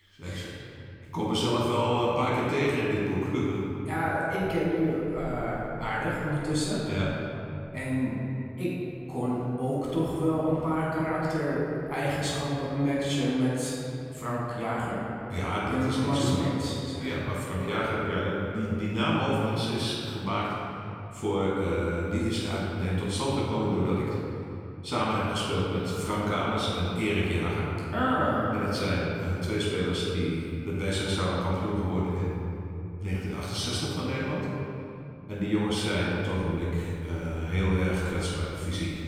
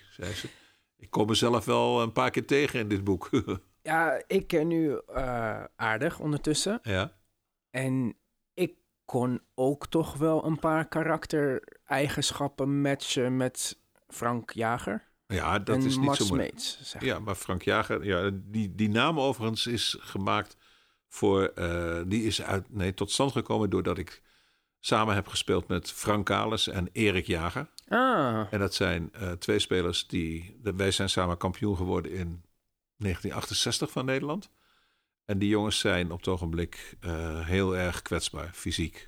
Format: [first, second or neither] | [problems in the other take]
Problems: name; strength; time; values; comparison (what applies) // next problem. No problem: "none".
second | off-mic speech; far // room echo; strong; dies away in 3 s